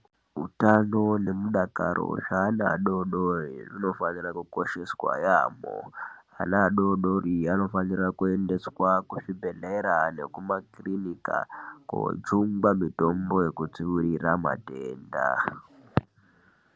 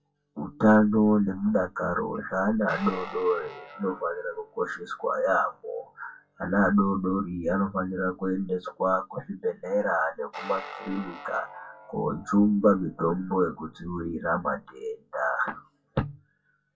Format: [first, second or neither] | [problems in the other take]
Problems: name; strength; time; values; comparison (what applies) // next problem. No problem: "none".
first | noise reduction (classical method WPE with log-MMSE)